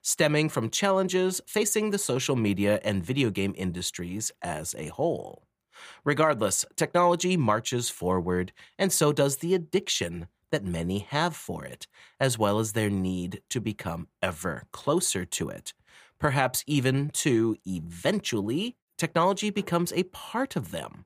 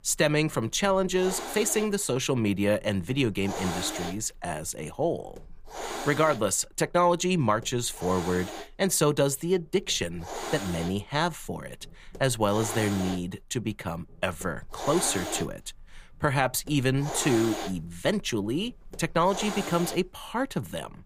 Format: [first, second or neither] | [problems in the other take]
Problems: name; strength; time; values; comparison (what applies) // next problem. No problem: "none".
first | hiss; loud; throughout; 9 dB below the speech